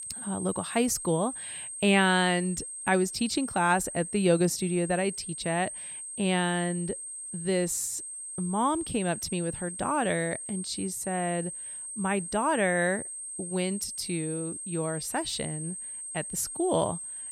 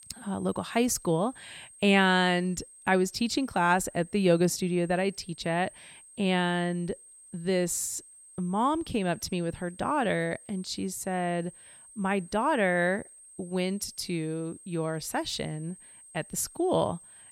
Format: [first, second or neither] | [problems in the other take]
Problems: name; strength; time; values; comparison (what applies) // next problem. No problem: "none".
second | high-pitched whine; loud; throughout; 8.5 kHz, 7 dB below the speech; faint in the second